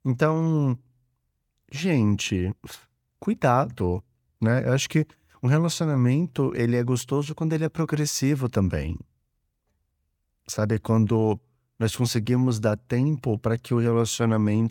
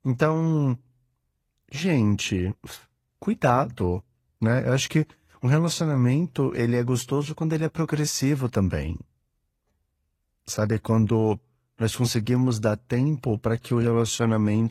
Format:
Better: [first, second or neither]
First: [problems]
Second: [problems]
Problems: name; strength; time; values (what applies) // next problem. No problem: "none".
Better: first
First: none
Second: garbled, watery; slightly